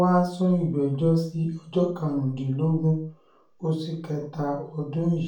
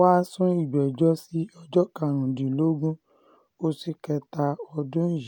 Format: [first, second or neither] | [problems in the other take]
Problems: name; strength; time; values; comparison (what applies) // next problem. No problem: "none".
second | room echo; dies away in 0.4 s